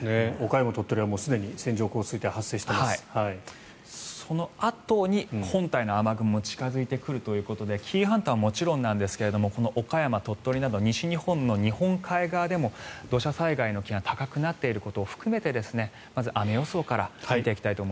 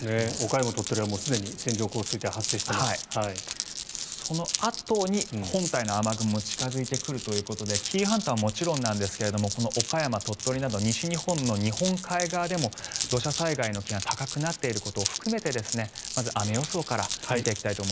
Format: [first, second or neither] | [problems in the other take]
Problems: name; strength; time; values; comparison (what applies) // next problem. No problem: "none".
first | background sound (Glass); 6 dB below the speech